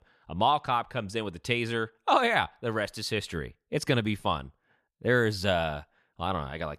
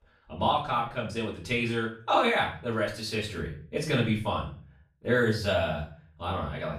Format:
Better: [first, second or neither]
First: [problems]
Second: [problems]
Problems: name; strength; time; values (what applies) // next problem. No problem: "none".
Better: first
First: none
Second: off-mic speech; far // room echo; slight; dies away in 0.4 s